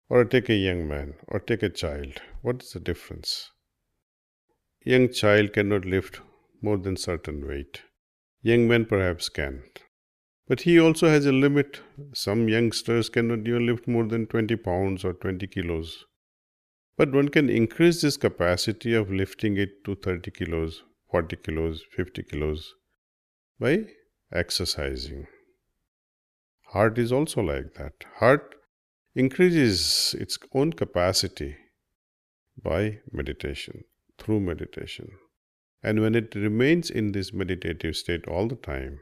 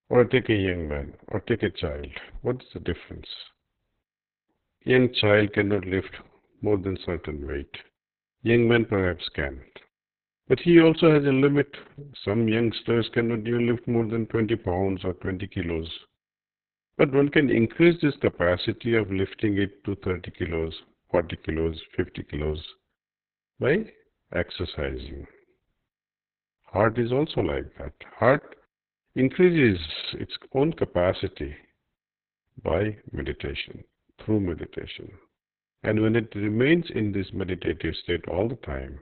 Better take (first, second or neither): first